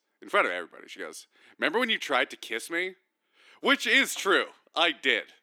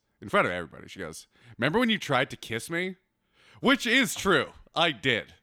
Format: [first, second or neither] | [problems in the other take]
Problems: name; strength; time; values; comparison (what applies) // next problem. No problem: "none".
second | thin; very slightly; fading below 300 Hz